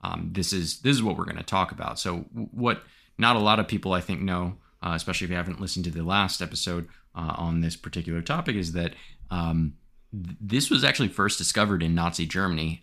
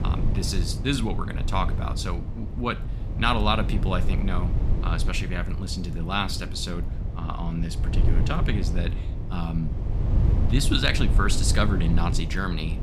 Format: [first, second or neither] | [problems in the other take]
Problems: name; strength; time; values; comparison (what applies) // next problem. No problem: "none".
first | low rumble; noticeable; throughout; 10 dB below the speech